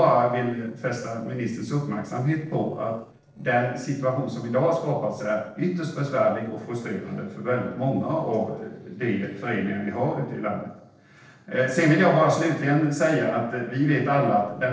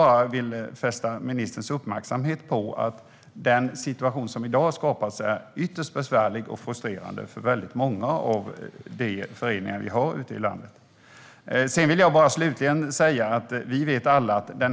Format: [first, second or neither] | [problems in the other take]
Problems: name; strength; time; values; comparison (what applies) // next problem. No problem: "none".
second | noise reduction (neural separator model SepFormer DNS4)